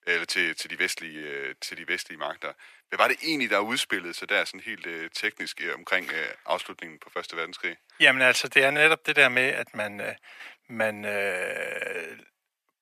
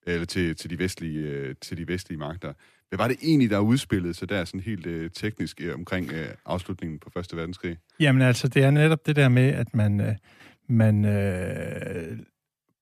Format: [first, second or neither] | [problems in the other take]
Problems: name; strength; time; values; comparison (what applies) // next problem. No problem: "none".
second | thin; very; fading below 700 Hz